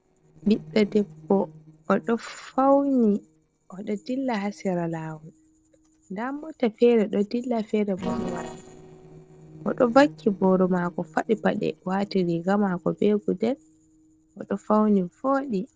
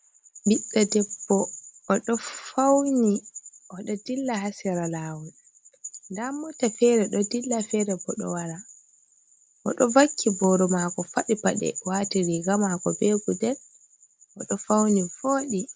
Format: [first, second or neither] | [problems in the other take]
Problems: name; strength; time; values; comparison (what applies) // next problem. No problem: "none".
second | noise reduction (neural separator model SepFormer DNS4)